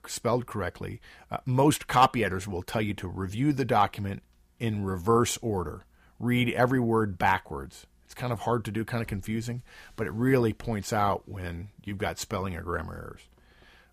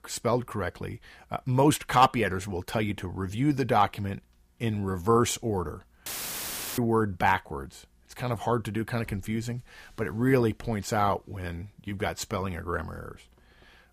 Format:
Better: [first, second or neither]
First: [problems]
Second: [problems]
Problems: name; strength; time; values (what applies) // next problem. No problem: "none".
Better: first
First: none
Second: audio cutting out; filled with static; at 6 s for 0.5 s